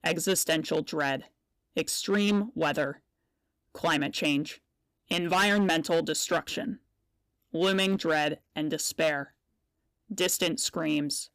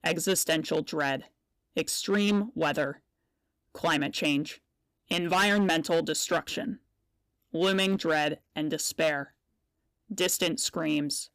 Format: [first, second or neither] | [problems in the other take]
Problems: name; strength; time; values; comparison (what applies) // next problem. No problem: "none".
neither | distortion; slight; 5% of the sound clipped; the same in both